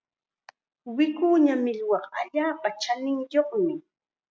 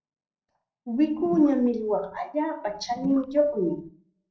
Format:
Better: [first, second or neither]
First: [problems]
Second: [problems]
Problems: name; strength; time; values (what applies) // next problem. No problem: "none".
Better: first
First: none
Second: noise reduction (neural separator model SepFormer DNS4)